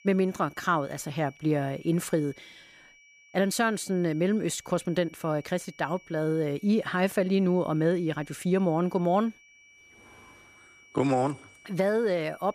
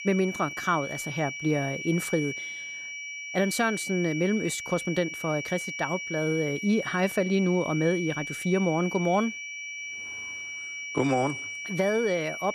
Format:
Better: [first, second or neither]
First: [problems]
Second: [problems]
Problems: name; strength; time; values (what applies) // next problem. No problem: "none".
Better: first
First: high-pitched whine; faint; throughout; 2.5 kHz, 25 dB below the speech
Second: high-pitched whine; loud; throughout; 2.5 kHz, 6 dB below the speech